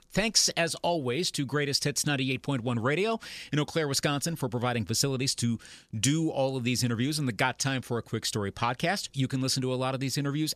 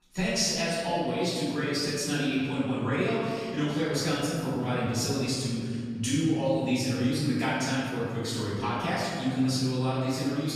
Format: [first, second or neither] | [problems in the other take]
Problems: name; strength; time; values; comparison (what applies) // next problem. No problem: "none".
first | off-mic speech; far // room echo; strong; dies away in 1.9 s